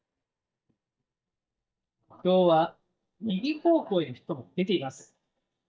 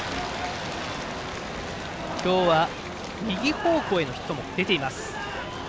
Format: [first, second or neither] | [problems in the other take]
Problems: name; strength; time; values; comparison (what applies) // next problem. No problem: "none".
second | noise reduction (neural mask model DeepFilterNet 3)